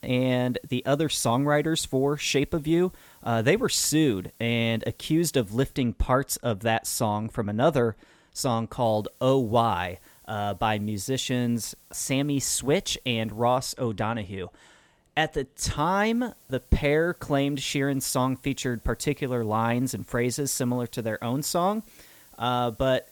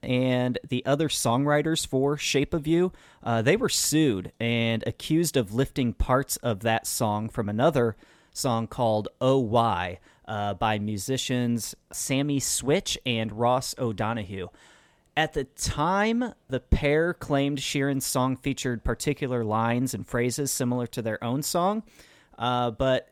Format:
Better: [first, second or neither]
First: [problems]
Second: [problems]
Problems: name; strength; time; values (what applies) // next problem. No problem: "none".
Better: second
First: hiss; faint; until 6 s, from 9 to 14 s and from 16 s on; 25 dB below the speech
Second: none